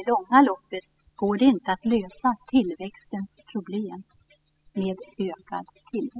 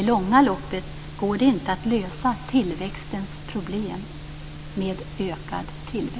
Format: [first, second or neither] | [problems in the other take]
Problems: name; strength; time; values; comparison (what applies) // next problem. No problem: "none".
second | noise reduction (classical method spectral subtraction)